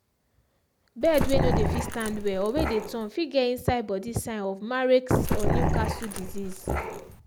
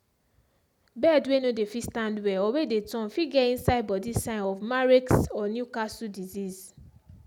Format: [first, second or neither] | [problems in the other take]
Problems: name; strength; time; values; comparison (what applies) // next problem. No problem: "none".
second | background sound (Growling); 1 dB above the speech